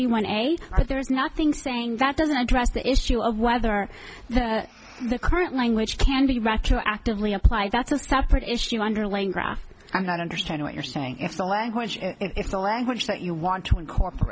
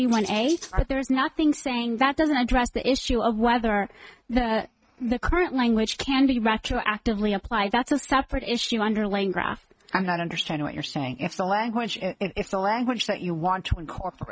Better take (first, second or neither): first